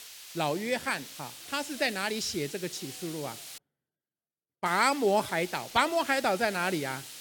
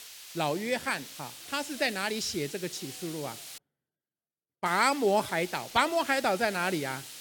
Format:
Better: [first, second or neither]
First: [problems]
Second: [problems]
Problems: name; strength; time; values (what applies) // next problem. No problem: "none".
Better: neither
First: hiss; noticeable; until 3.5 s and from 4.5 s on; 15 dB below the speech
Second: hiss; noticeable; until 3.5 s and from 4.5 s on; 15 dB below the speech